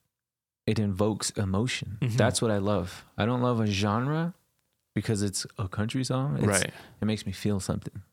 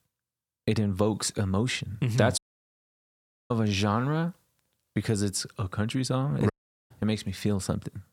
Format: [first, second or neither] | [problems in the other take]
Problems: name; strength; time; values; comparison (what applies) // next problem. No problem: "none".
first | audio cutting out; at 2.5 s for 1 s and at 6.5 s